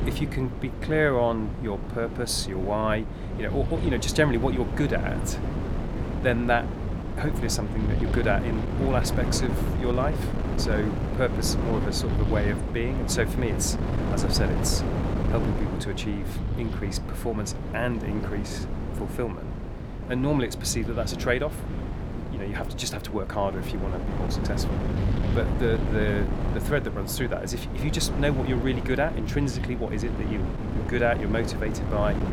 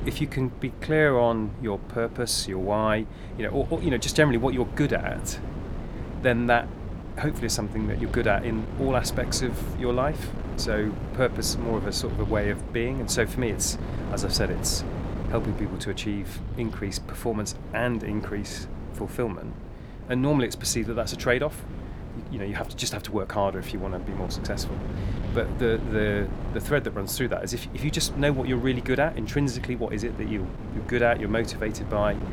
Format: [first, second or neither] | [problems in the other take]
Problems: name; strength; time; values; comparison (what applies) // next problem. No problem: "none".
second | wind noise on the microphone; heavy; 7 dB below the speech; occasional gusts in the second